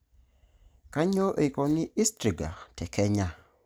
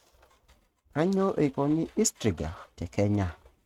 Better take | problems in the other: first | noise reduction (neural mask model RNNoise)

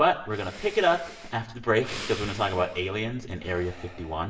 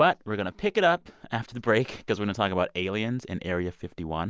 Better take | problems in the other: second | background sound (Breathing); 16 dB below the speech // room echo; dies away in 0.8 s

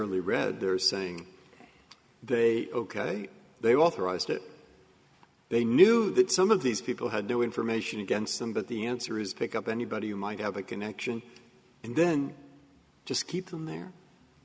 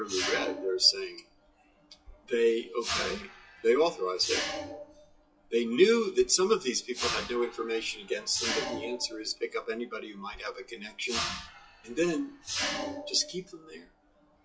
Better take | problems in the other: first | noise reduction (classical method WPE with log-MMSE)

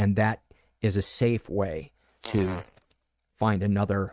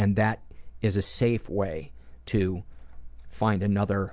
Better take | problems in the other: second | noise reduction (neural mask model RNNoise)

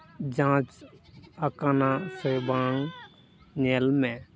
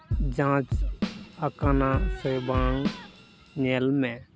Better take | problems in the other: first | background sound (Drum kit); 2 dB below the speech

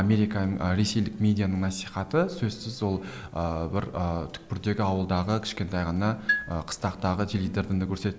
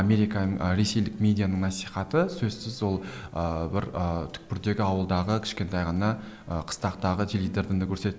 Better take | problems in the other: second | background sound (Marimba, xylophone); 7 dB below the speech

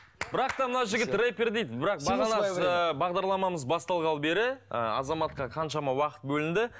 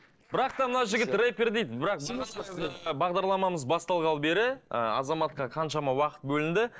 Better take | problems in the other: first | noise reduction (neural separator model SepFormer DNS4)

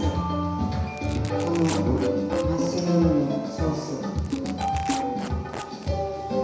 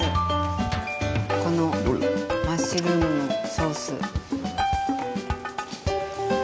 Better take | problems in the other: second | background sound (Tearing); 17 dB below the speech // room echo; dies away in 1 s

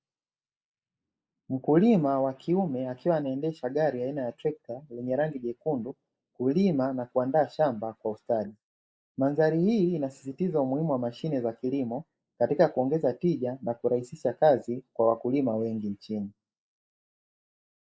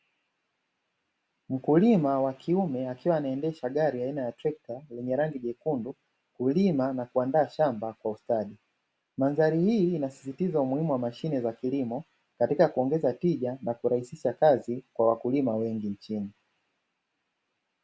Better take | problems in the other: second | noise reduction (neural mask model Resemble Enhance denoiser)

